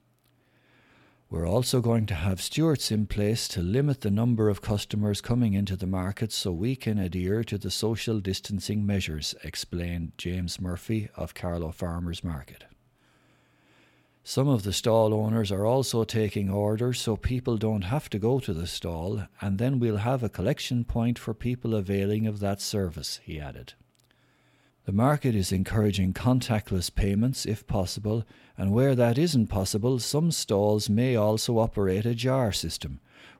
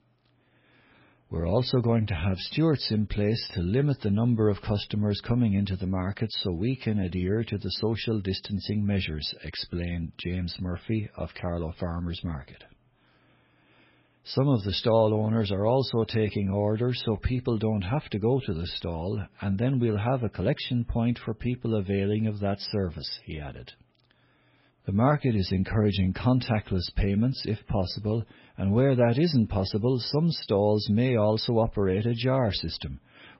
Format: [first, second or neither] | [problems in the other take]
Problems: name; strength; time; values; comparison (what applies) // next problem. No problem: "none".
first | garbled, watery; badly; nothing above 5.5 kHz